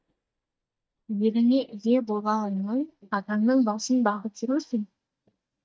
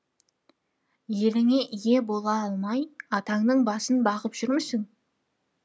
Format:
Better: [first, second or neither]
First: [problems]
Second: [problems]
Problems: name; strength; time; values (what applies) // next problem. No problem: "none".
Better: second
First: noise reduction (neural mask model DeepFilterNet 3)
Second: none